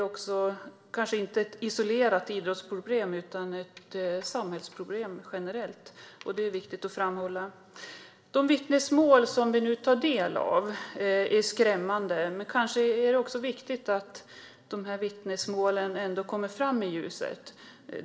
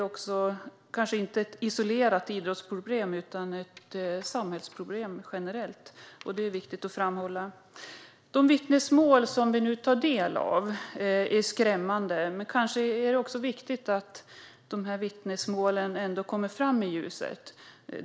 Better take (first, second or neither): second